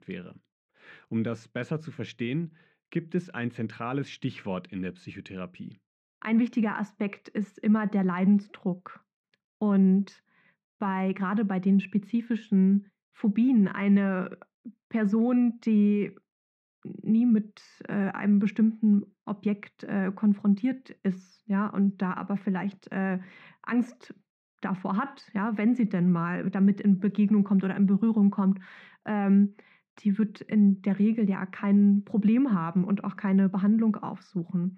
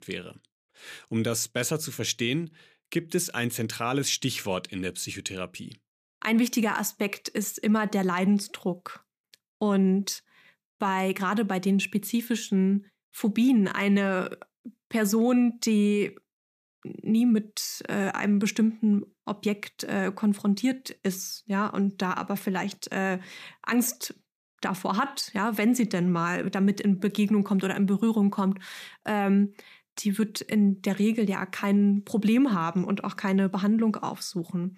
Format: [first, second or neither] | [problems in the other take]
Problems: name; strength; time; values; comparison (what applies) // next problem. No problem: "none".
second | muffled; very; fading above 2 kHz